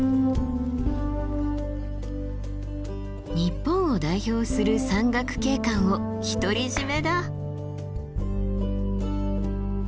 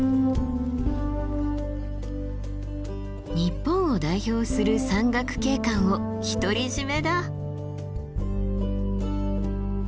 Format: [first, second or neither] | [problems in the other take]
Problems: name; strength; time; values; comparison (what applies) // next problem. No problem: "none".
second | background sound (Clapping); 15 dB below the speech